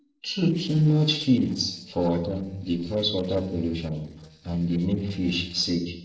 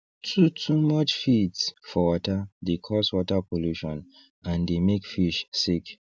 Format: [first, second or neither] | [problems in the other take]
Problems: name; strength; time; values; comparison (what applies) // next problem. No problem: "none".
second | noise reduction (neural separator model SepFormer DNS4)